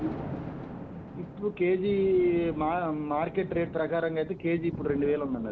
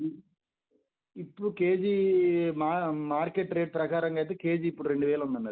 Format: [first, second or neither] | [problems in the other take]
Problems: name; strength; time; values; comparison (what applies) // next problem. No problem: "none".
second | background sound (Thunder); 11 dB below the speech